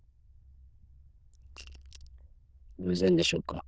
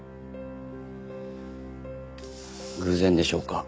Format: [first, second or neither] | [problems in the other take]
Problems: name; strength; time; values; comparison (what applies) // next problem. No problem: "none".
second | noise reduction (neural diffusion model UNIVERSE++)